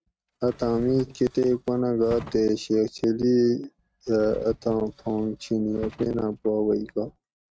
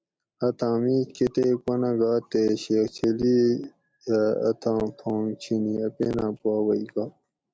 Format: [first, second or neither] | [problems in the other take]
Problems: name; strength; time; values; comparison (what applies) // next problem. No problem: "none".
second | noise reduction (neural mask model RNNoise)